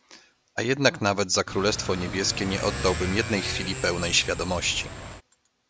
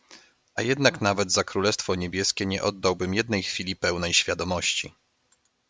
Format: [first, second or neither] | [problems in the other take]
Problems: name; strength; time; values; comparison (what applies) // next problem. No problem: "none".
second | background sound (Motorcycle / Accelerating, revving, vroom); 7 dB below the speech